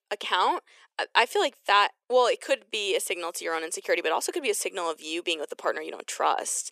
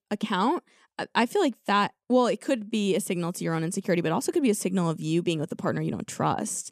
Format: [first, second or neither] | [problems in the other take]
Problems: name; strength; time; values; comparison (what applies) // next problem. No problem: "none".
second | thin; very; fading below 400 Hz